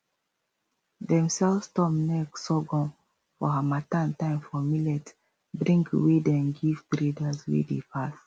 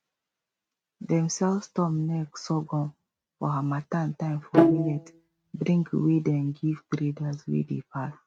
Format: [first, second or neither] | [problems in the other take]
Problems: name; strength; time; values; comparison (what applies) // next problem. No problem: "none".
first | noise reduction (neural mask model RNNoise)